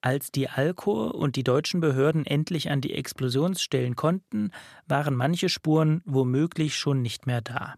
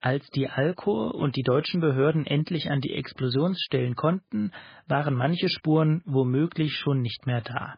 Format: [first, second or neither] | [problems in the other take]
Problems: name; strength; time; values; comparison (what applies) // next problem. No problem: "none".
first | garbled, watery; badly